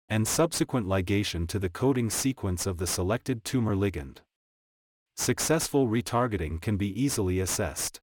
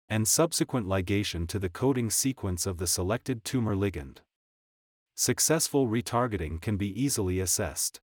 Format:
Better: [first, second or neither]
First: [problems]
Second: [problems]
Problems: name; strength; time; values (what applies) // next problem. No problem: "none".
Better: second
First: distortion; slight; 10 dB below the speech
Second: none